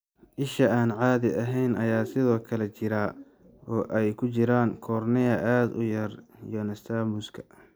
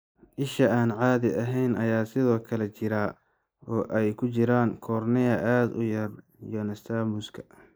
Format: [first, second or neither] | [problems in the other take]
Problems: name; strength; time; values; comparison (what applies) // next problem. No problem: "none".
first | noise reduction (neural mask model Resemble Enhance denoiser)